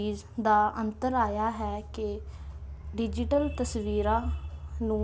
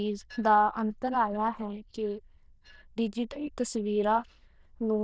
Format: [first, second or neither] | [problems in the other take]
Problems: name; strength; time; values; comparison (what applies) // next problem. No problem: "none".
first | noise reduction (neural diffusion model UNIVERSE++)